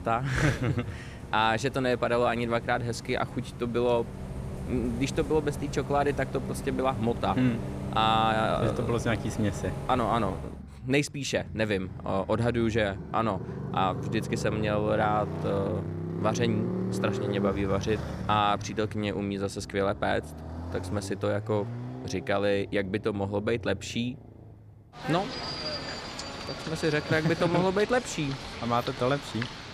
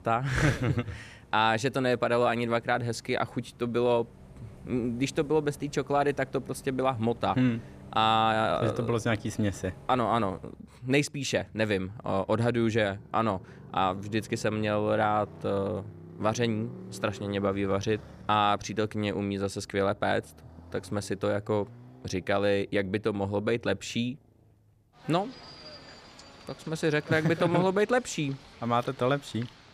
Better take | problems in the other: second | traffic noise; loud; throughout; 8 dB below the speech; faint in the second

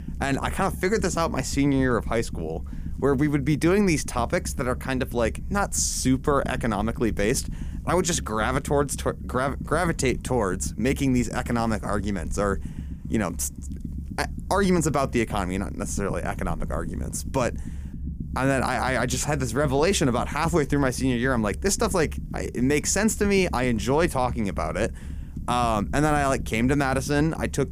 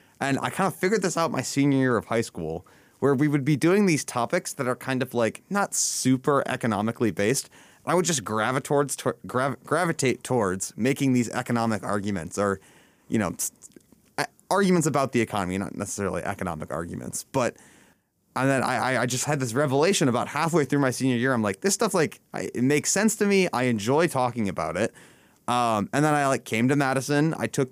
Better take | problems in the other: second | low rumble; faint; throughout; 20 dB below the speech

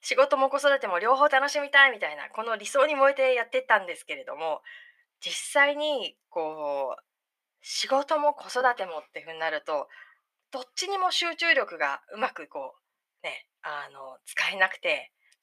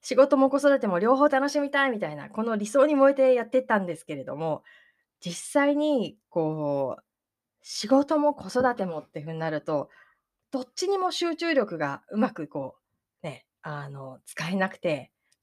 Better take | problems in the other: second | thin; very; fading below 800 Hz

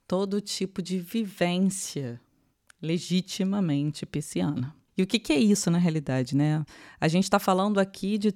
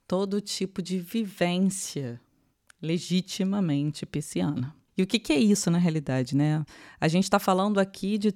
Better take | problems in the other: neither | none

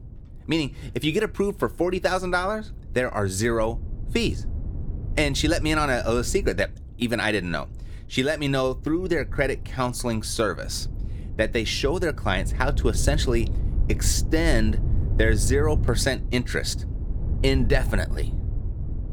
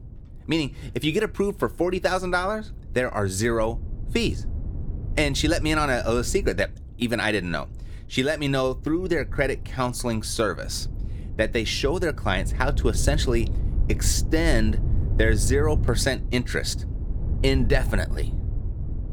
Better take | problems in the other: neither | wind noise on the microphone; occasional gusts; 20 dB below the speech; the same in both

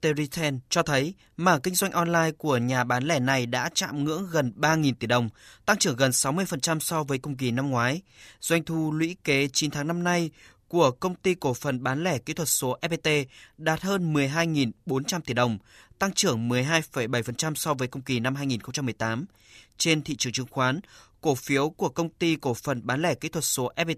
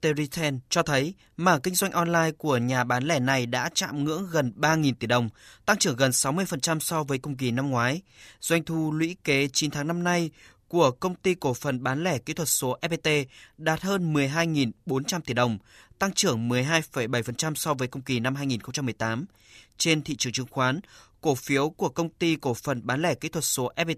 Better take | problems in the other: neither | none

